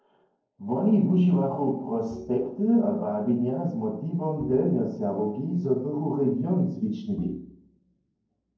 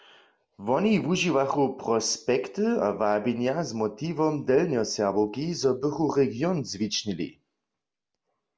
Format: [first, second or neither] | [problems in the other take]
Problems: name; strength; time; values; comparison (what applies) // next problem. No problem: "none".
second | noise reduction (neural separator model SepFormer DNS4)